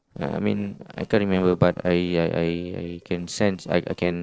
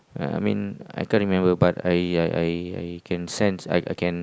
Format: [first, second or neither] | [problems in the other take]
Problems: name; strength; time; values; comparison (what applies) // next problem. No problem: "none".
second | noise reduction (neural separator model SepFormer DNS4)